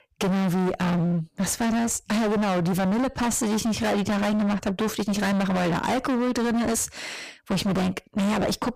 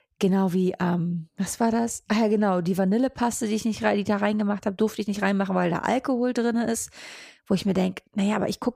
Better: second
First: distortion; heavy; 39% of the sound clipped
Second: none

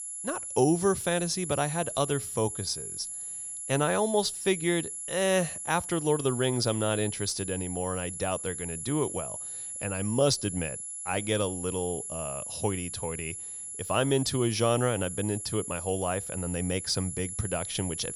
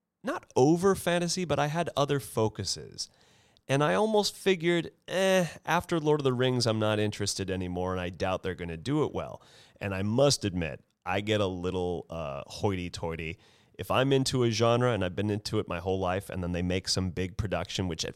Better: second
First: high-pitched whine; loud; throughout; 11 kHz, 6 dB below the speech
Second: none

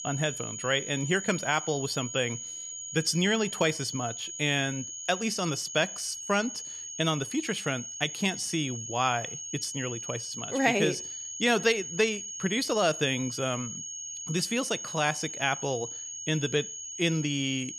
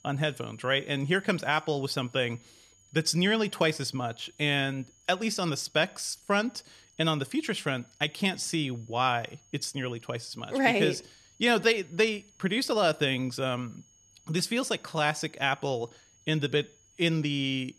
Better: second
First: high-pitched whine; loud; throughout; 6.5 kHz, 7 dB below the speech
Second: high-pitched whine; faint; throughout; 6.5 kHz, 30 dB below the speech

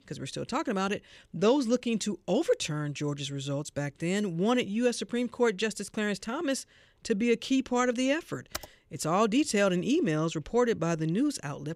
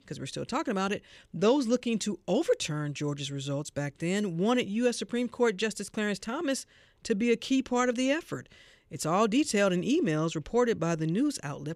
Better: second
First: keyboard typing; faint; at 8.5 s; peak 10 dB below the speech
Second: none

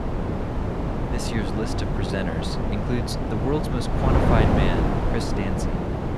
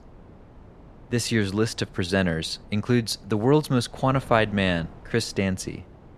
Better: second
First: wind noise on the microphone; heavy; 2 dB above the speech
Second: wind noise on the microphone; occasional gusts; 25 dB below the speech

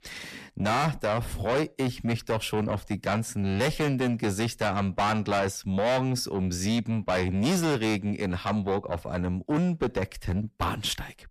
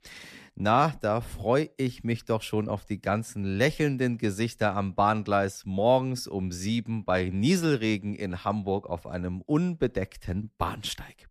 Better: second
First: distortion; heavy; 6 dB below the speech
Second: none

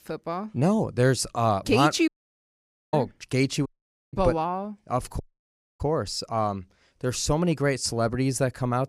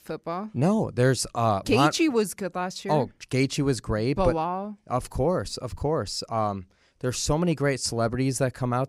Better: second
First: audio cutting out; at 2 s for 1 s, at 3.5 s and at 5 s for 0.5 s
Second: none

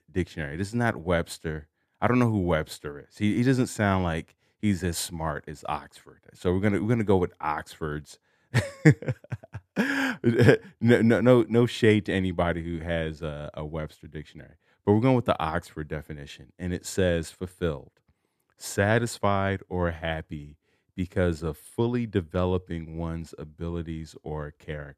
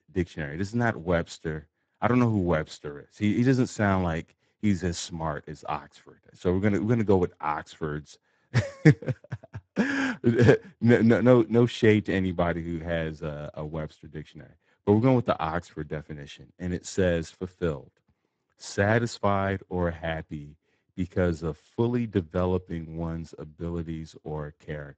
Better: first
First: none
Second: garbled, watery; badly; nothing above 8 kHz

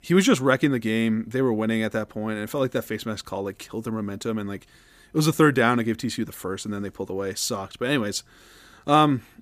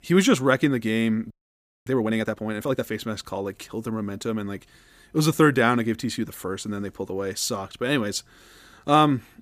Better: first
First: none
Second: audio freezing; at 1.5 s for 0.5 s

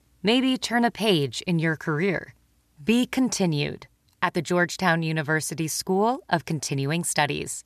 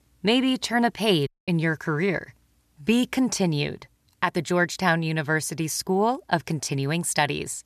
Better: first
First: none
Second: audio cutting out; at 1.5 s

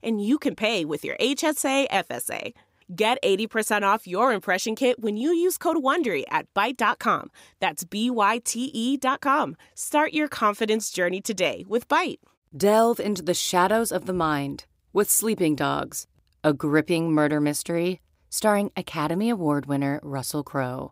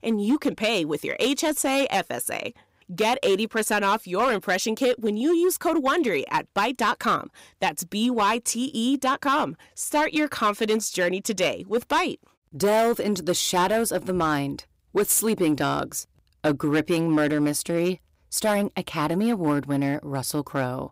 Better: first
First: none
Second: distortion; slight; 6% of the sound clipped

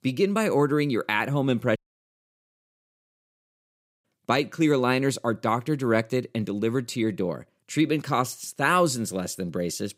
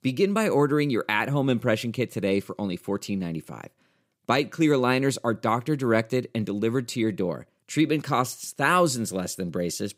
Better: second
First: audio cutting out; at 2 s for 2.5 s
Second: none

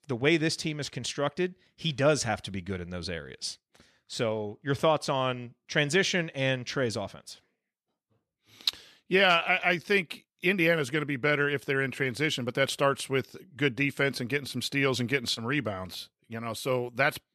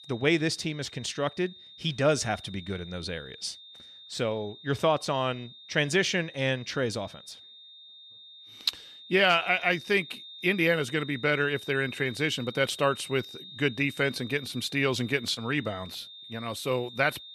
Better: first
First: none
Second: high-pitched whine; noticeable; throughout; 3.5 kHz, 15 dB below the speech

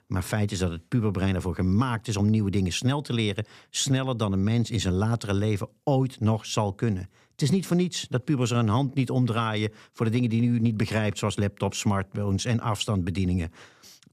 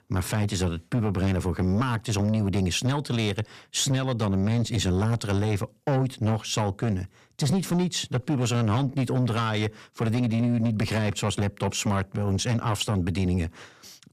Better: first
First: none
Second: distortion; slight; 10 dB below the speech

